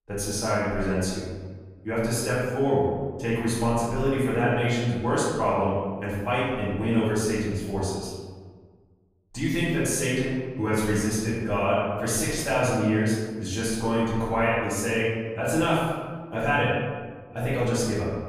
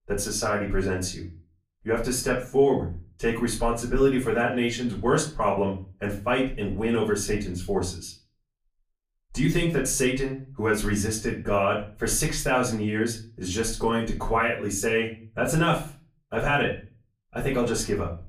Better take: second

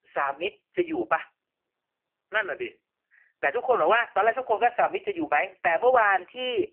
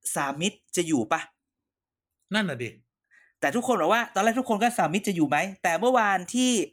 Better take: second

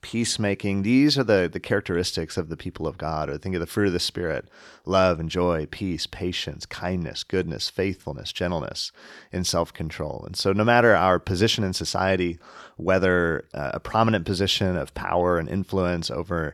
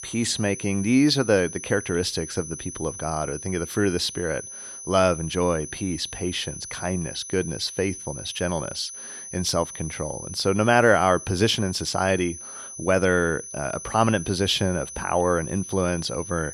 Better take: first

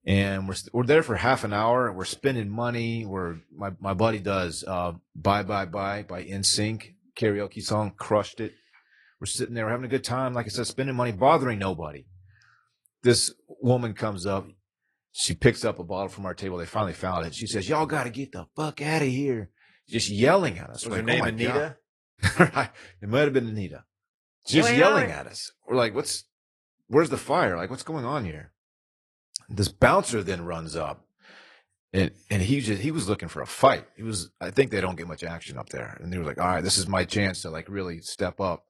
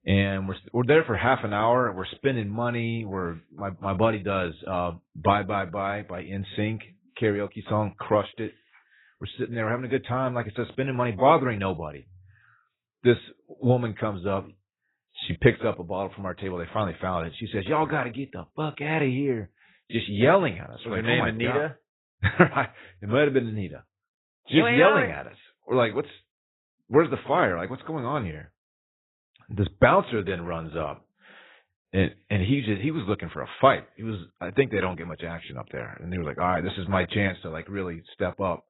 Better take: first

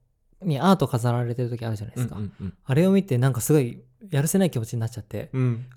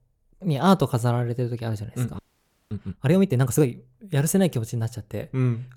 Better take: first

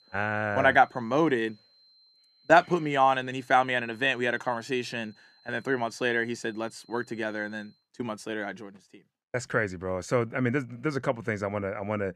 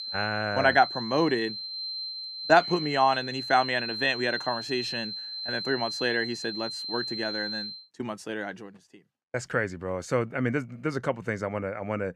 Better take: first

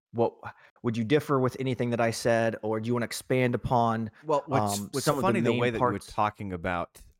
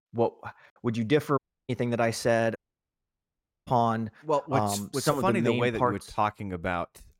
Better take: first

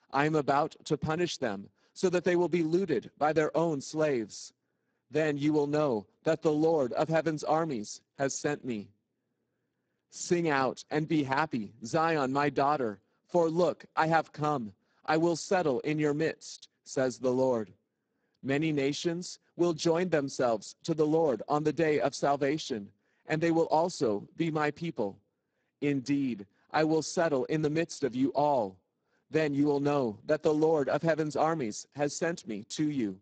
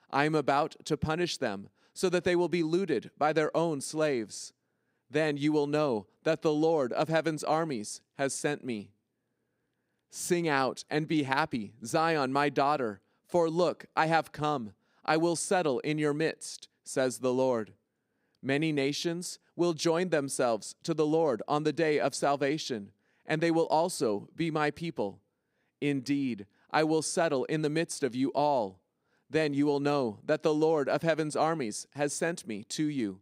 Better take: second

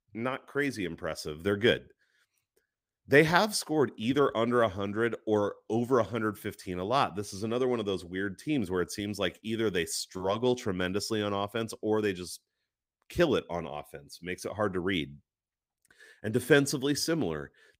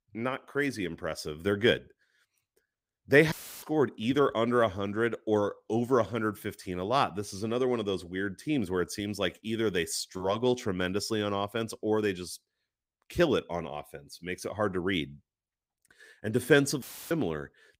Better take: first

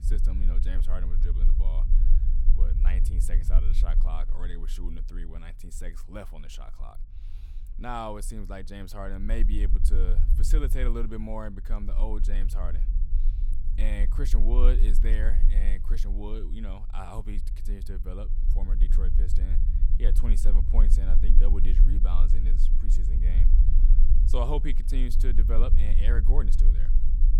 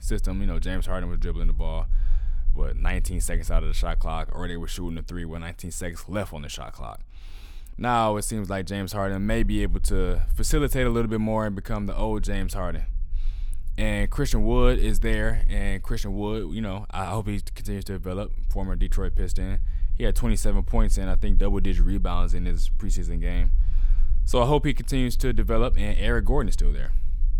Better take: second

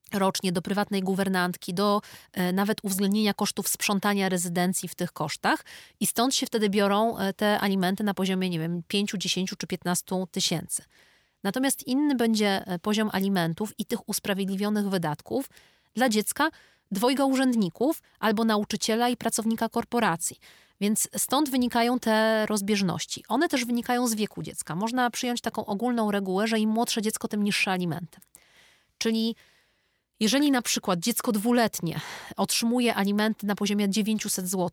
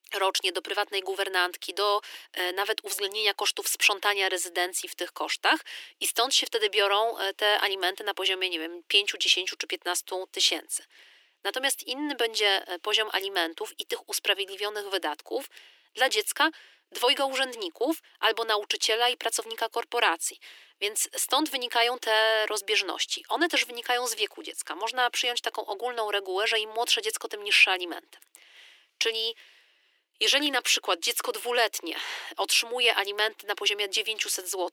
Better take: first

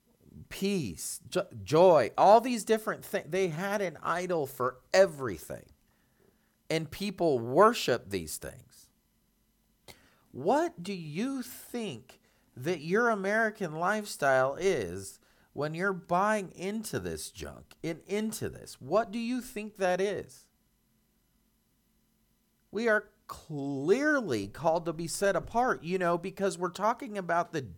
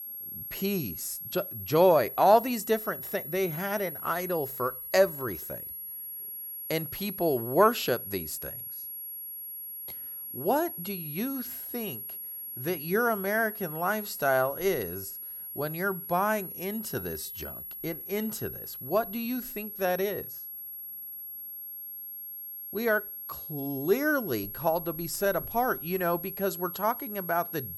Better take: first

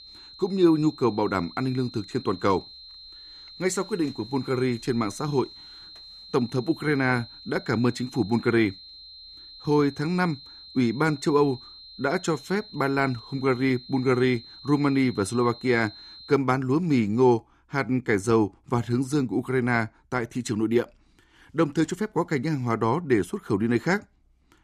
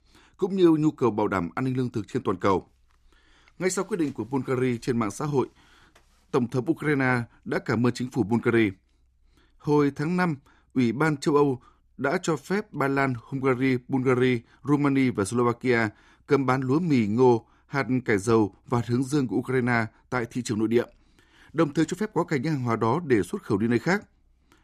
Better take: second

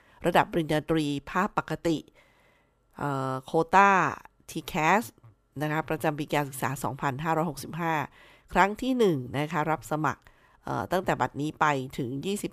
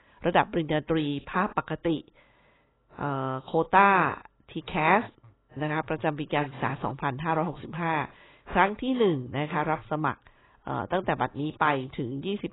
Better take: first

